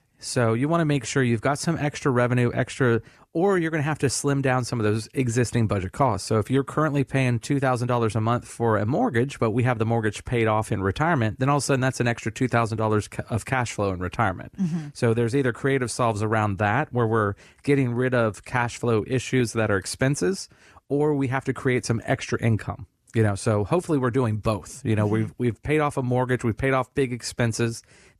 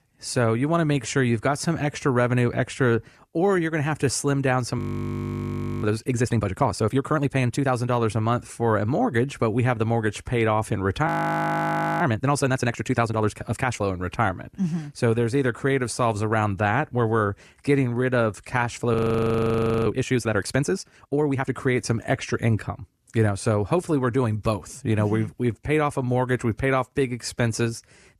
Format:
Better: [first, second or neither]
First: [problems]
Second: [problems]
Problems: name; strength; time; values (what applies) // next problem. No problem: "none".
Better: first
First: none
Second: audio freezing; at 5 s for 1 s, at 11 s for 1 s and at 19 s for 1 s